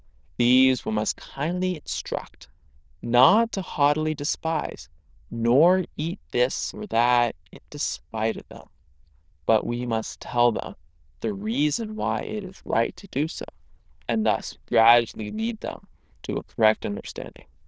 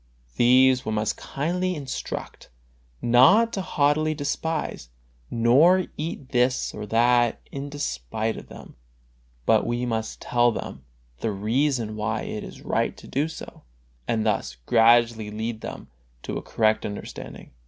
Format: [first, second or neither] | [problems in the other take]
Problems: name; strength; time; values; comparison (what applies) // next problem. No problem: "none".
second | noise reduction (neural diffusion model UNIVERSE++)